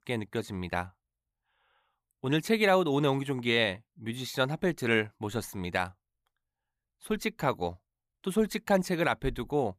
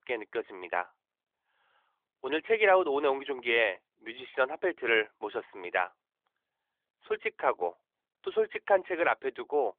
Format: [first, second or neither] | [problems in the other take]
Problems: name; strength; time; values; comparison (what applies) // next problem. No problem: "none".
first | phone-call audio; nothing above 3.5 kHz